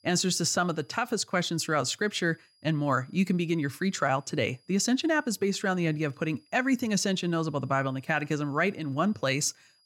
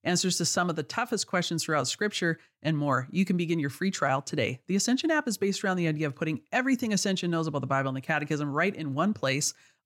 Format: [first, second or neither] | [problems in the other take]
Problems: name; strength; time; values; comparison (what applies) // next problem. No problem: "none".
second | high-pitched whine; faint; throughout; 5 kHz, 35 dB below the speech